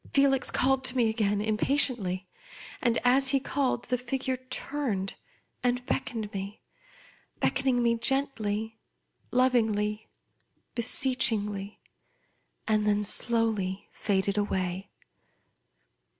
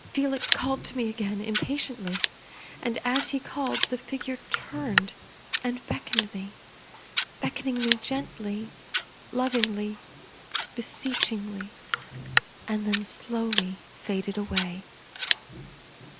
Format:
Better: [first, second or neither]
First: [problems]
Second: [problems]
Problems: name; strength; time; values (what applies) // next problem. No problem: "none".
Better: first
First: none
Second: background sound (Scissors); 2 dB below the speech